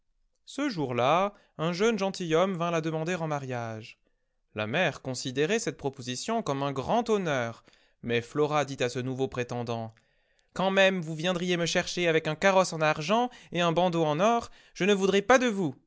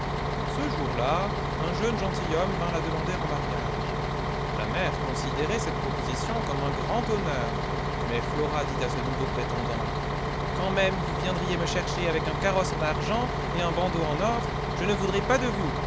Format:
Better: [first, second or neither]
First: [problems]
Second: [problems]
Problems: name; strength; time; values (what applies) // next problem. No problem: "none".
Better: first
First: none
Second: background sound (Bus); 2 dB above the speech